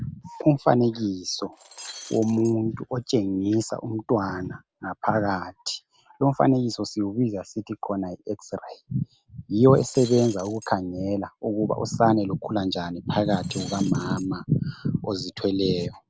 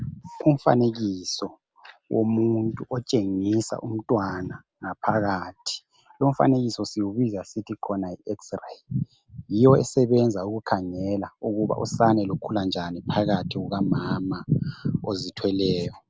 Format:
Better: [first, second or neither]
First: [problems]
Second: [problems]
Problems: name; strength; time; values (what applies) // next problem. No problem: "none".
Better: second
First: background sound (Shatter); 17 dB below the speech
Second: none